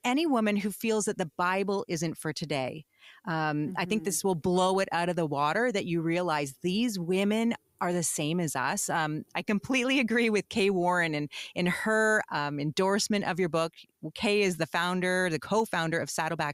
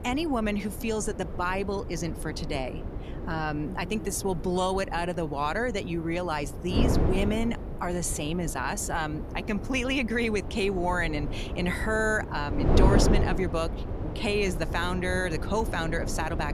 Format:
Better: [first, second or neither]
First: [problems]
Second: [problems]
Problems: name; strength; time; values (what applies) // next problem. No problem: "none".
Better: first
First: none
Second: wind noise on the microphone; heavy; 8 dB below the speech